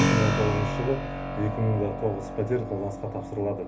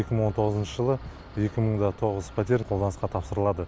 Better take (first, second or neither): second